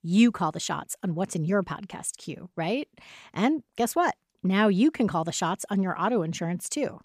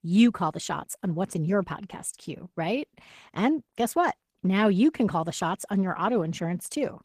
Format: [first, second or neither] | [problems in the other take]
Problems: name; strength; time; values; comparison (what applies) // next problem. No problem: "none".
first | garbled, watery; slightly; nothing above 14.5 kHz